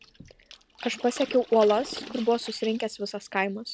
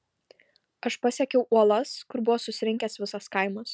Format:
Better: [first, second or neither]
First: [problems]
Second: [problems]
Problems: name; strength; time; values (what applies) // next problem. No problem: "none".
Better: second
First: background sound (Water / Splash, splatter); 17 dB below the speech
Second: none